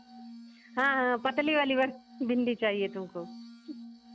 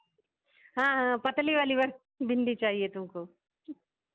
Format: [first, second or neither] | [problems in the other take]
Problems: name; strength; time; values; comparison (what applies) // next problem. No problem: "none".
second | background sound (Glass); 17 dB below the speech